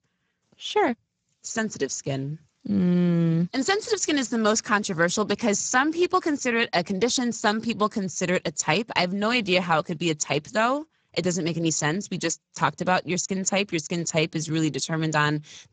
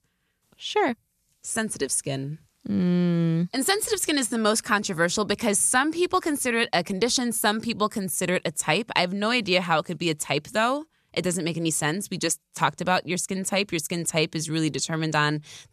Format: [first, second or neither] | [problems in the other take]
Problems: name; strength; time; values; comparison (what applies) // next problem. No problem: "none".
second | garbled, watery; badly; nothing above 7.5 kHz